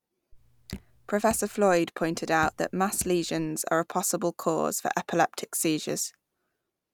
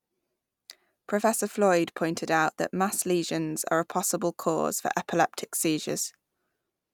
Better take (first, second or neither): second